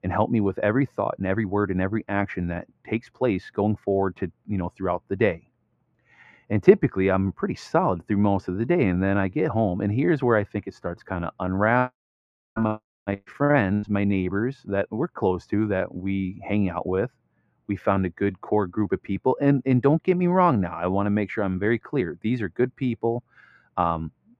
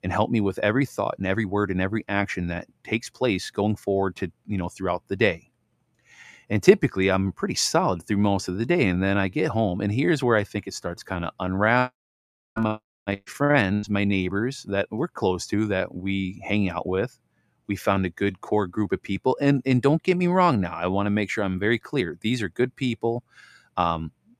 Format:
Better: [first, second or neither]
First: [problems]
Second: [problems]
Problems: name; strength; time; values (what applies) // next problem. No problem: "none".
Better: second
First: muffled; very; fading above 3.5 kHz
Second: none